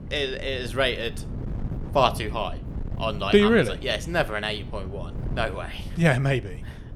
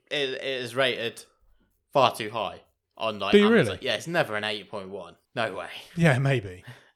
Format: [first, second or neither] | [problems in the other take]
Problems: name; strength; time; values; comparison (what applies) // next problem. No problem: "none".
second | wind noise on the microphone; occasional gusts; 20 dB below the speech